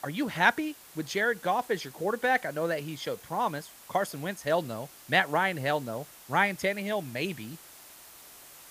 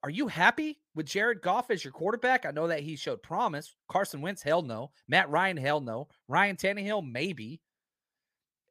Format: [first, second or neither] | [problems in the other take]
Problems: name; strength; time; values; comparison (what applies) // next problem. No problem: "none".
second | hiss; noticeable; throughout; 20 dB below the speech